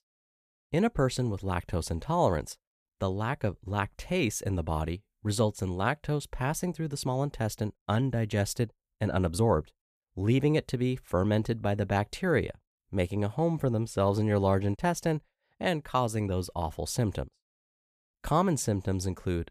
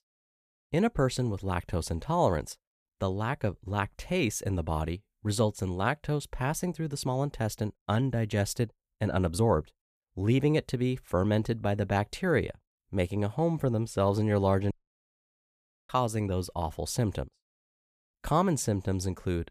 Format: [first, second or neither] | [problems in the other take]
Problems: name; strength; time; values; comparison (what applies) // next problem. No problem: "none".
first | audio cutting out; at 15 s for 1 s